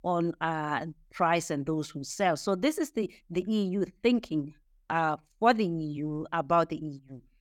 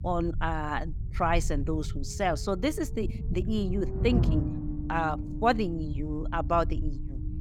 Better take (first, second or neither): first